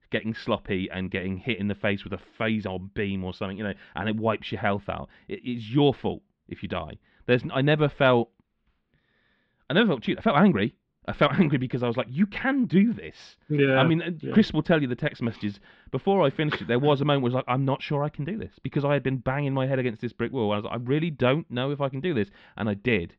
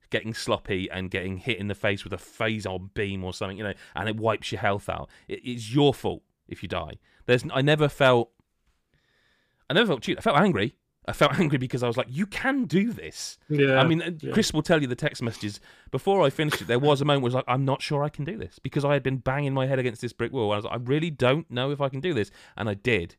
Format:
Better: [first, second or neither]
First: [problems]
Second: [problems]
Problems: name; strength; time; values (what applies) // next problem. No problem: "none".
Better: second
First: muffled; slightly; fading above 3.5 kHz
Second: none